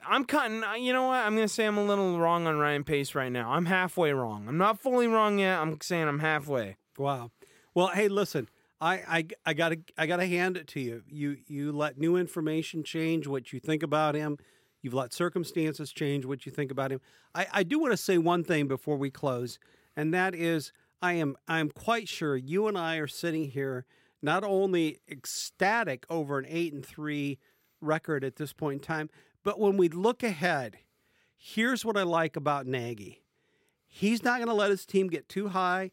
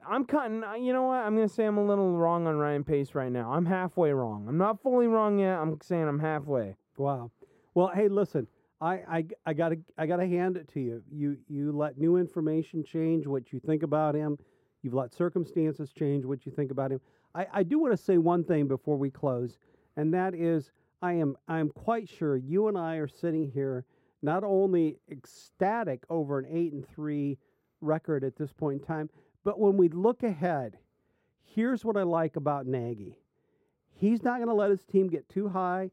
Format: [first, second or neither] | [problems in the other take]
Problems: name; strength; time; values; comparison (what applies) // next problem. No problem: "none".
first | muffled; very; fading above 1.5 kHz